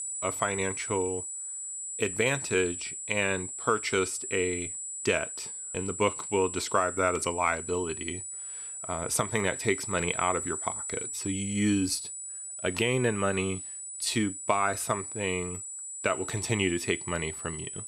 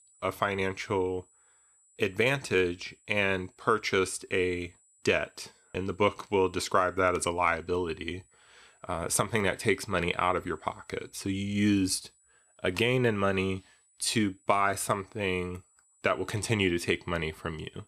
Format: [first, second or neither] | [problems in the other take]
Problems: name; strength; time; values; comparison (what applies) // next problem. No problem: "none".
second | high-pitched whine; loud; throughout; 7.5 kHz, 5 dB below the speech; faint in the second